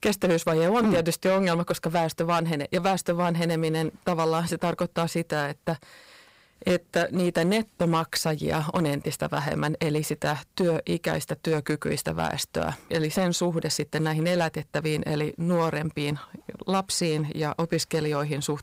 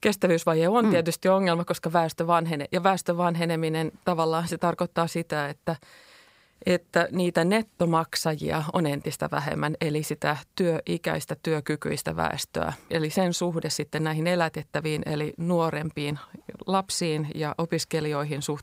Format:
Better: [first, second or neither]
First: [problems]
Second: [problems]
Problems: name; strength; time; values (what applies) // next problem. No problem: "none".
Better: second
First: distortion; slight; 7% of the sound clipped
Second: none